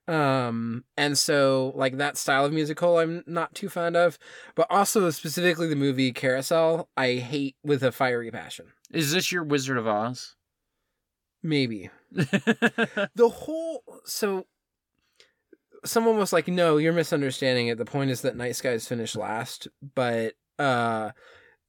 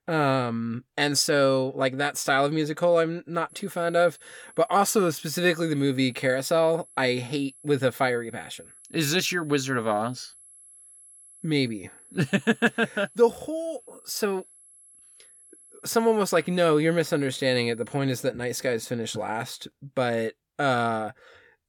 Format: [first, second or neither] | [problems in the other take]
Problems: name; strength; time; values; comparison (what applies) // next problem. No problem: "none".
first | high-pitched whine; faint; from 3.5 to 18 s; 11 kHz, 25 dB below the speech